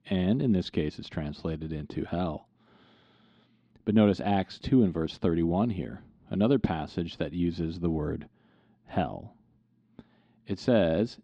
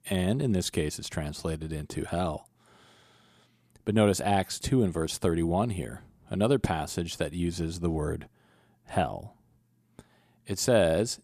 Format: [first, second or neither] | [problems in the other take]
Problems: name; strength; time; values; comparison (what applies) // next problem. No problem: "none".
second | muffled; slightly; fading above 4 kHz